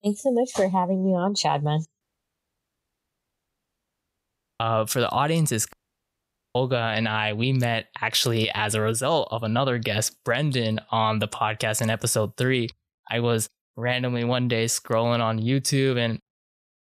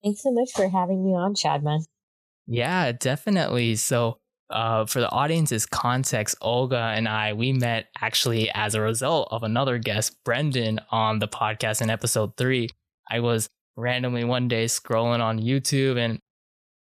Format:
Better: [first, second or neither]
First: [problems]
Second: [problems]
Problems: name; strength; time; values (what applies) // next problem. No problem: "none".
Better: second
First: audio cutting out; at 2 s for 2.5 s and at 5.5 s for 1 s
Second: none